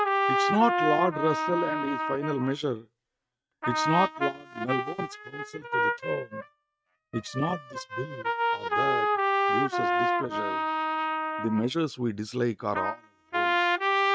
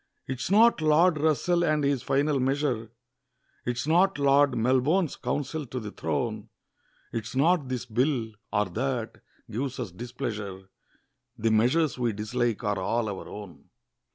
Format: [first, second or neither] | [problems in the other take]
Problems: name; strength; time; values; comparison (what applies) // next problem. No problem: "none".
second | noise reduction (neural mask model RNNoise)